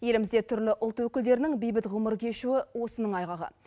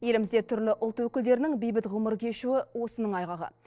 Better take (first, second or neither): first